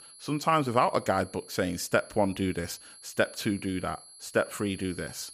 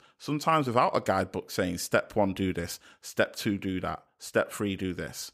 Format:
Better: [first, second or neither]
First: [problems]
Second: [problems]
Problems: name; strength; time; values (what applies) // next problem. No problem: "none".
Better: second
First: high-pitched whine; noticeable; throughout; 11 kHz, 20 dB below the speech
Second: none